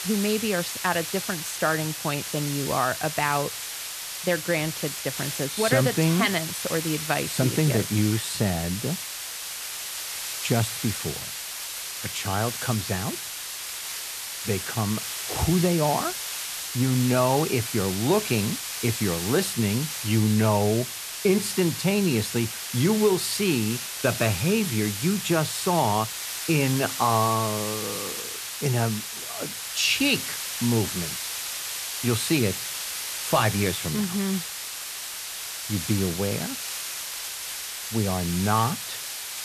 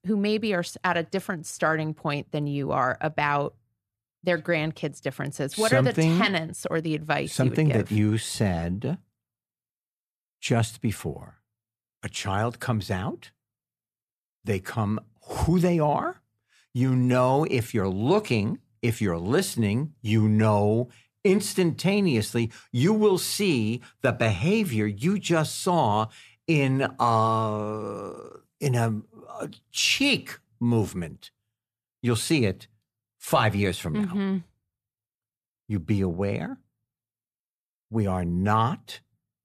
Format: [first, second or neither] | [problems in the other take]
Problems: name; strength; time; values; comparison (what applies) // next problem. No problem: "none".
second | hiss; loud; throughout; 5 dB below the speech